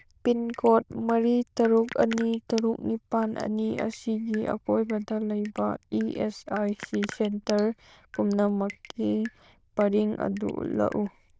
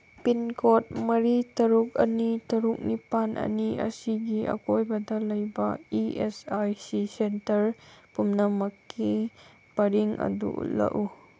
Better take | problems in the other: second | noise reduction (neural diffusion model UNIVERSE++)

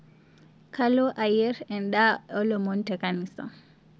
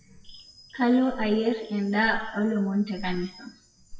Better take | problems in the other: first | noise reduction (classical method WPE with log-MMSE)

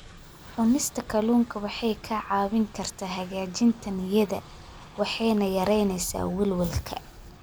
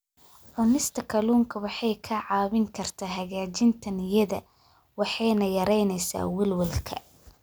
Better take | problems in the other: second | background sound (Train); 19 dB below the speech

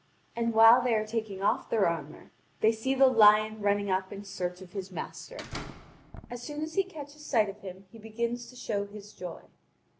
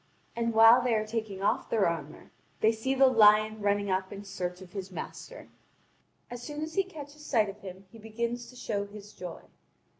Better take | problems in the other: second | background sound (Slam); 12 dB below the speech

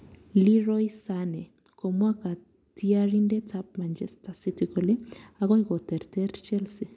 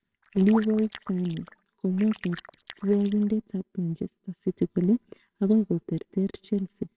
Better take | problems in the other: first | noise reduction (neural separator model SepFormer WHAMR!)

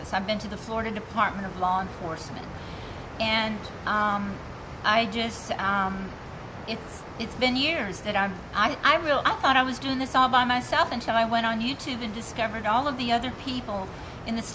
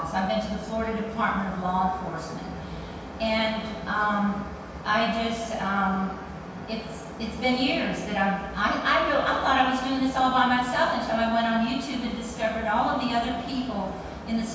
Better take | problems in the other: first | room echo; dies away in 1.2 s

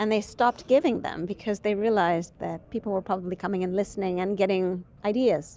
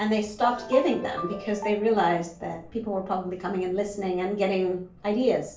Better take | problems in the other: first | background sound (Ringtone); 11 dB below the speech // room echo; dies away in 0.4 s

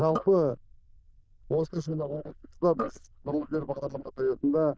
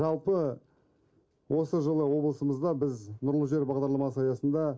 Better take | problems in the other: second | noise reduction (neural diffusion model UNIVERSE++)

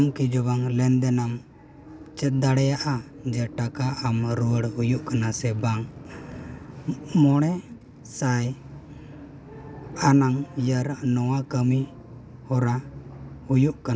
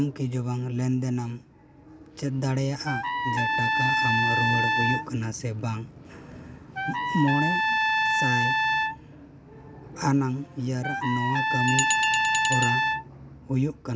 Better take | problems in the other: first | background sound (Trumpet + Glass); 3 dB above the speech

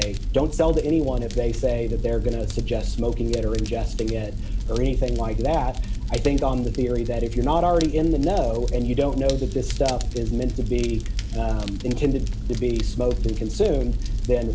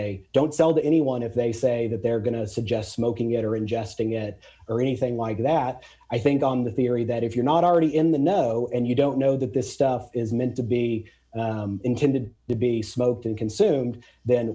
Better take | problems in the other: second | background sound (Fire); 1 dB below the speech

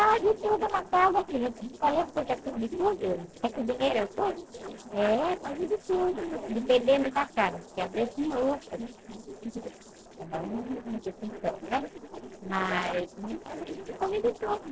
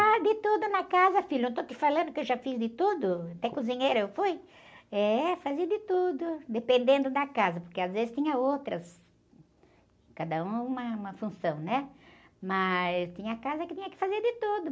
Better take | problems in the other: second | noise reduction (neural separator model SepFormer DNS4)

